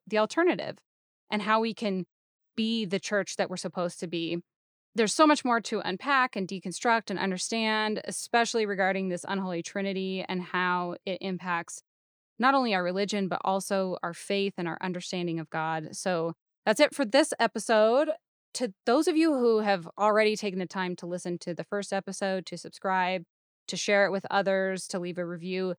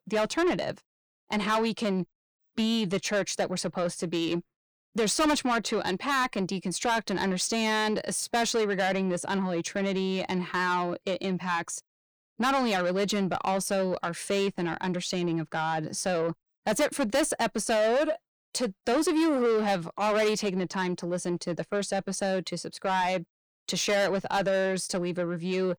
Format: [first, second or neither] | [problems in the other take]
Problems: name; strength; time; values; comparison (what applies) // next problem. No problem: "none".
first | distortion; heavy; 7 dB below the speech